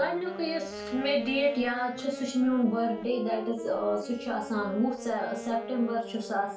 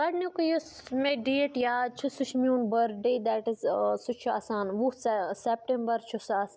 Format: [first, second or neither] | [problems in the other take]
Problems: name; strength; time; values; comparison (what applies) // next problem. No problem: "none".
second | background sound (Wind instrument, woodwind instrument); 12 dB below the speech // room echo; dies away in 0.3 s